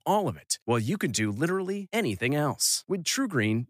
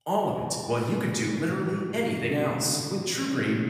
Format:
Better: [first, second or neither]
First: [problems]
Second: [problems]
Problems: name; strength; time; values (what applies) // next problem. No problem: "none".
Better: first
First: none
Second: room echo; noticeable; dies away in 2 s // off-mic speech; far